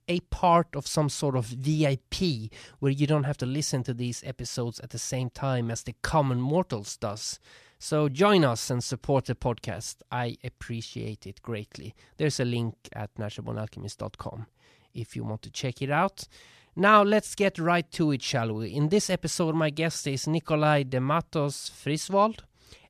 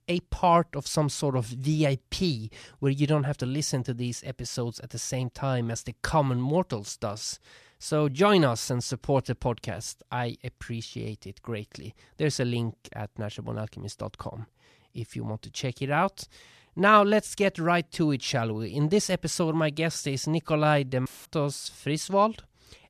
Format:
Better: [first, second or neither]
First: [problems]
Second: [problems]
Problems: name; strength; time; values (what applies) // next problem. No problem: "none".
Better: first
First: none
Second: audio cutting out; filled with static; at 21 s